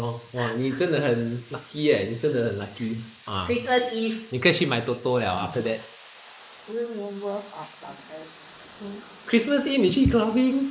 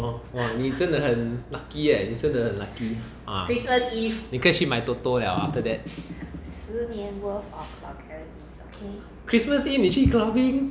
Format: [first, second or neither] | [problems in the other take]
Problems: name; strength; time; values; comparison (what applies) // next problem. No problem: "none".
second | noise reduction (neural mask model Resemble Enhance denoiser)